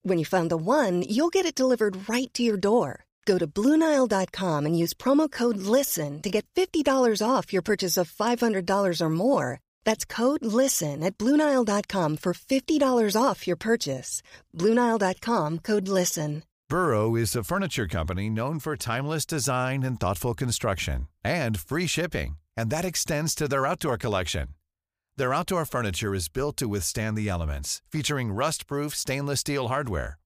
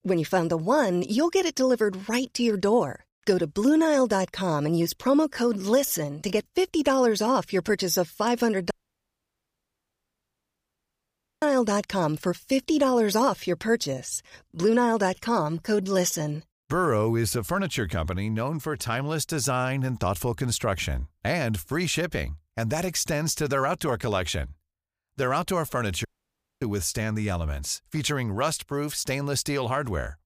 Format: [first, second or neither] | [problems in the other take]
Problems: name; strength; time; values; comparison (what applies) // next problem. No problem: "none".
first | audio cutting out; at 8.5 s for 2.5 s and at 26 s for 0.5 s